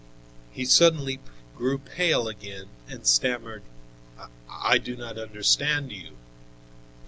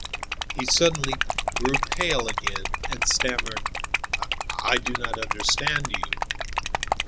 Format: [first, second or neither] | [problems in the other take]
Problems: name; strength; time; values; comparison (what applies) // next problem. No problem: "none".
first | background sound (Liquid); 1 dB above the speech